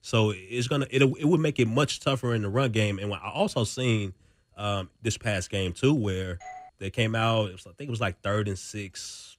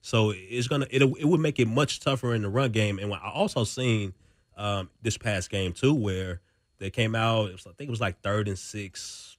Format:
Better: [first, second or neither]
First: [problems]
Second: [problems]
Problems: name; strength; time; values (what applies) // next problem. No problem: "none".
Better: second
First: doorbell; faint; at 6.5 s; peak 15 dB below the speech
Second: none